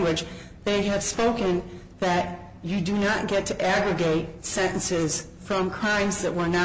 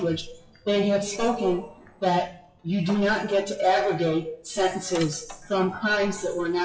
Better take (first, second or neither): first